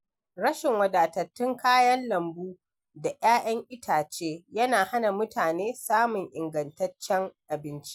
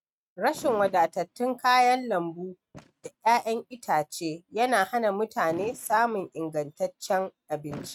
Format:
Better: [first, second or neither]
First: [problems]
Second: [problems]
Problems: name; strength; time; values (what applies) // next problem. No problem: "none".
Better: first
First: none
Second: noise reduction (neural mask model RNNoise)